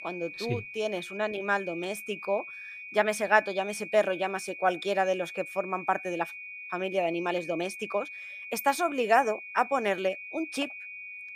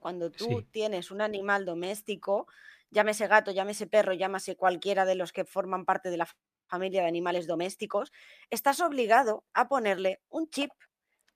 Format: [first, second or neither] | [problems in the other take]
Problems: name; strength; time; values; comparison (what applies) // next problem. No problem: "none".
second | high-pitched whine; noticeable; throughout; 2.5 kHz, 10 dB below the speech